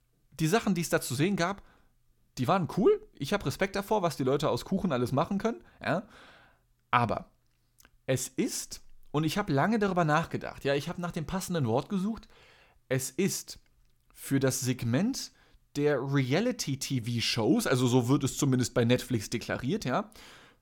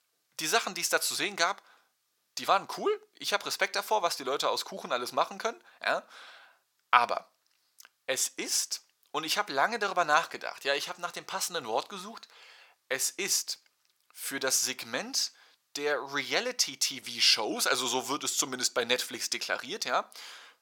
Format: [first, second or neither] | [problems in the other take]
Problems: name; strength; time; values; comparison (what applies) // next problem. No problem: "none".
first | thin; very; fading below 750 Hz